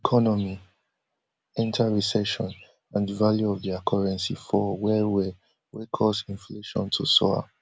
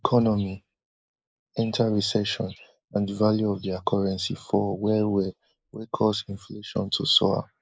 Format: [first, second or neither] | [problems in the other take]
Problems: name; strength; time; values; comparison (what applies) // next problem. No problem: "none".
first | noise reduction (neural mask model Resemble Enhance denoiser)